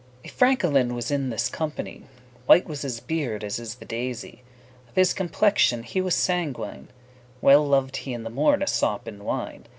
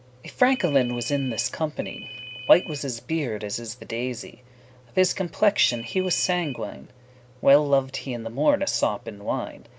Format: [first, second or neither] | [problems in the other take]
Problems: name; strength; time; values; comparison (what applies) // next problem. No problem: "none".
first | background sound (Ringtone); 13 dB below the speech